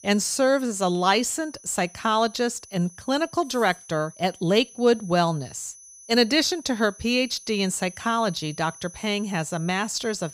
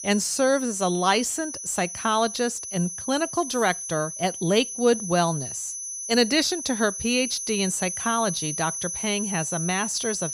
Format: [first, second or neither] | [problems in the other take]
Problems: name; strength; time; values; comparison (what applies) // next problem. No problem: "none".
first | high-pitched whine; loud; throughout; 6 kHz, 6 dB below the speech; faint in the first